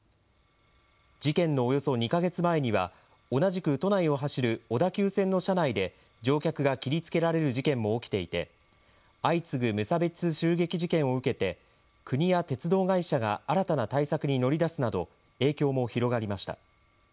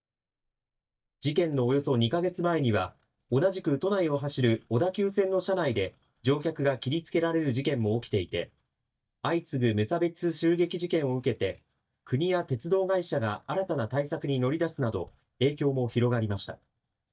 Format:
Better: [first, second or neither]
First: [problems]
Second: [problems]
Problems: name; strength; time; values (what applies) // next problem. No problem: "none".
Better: first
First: none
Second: noise reduction (neural mask model DeepFilterNet 3)